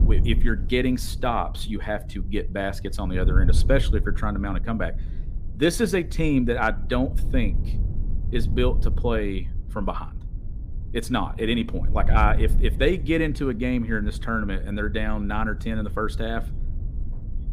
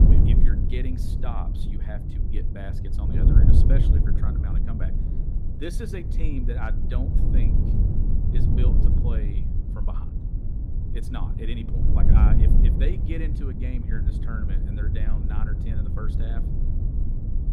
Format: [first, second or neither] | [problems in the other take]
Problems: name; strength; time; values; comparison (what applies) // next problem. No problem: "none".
first | wind noise on the microphone; heavy; 1 dB above the speech; occasional gusts in the first